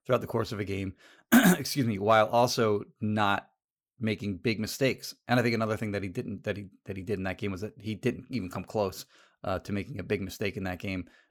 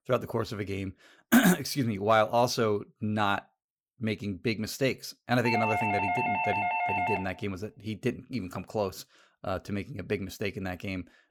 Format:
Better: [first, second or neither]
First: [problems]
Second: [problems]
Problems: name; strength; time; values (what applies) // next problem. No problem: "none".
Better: first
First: none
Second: doorbell; loud; from 5.5 to 7.5 s; peak 2 dB above the speech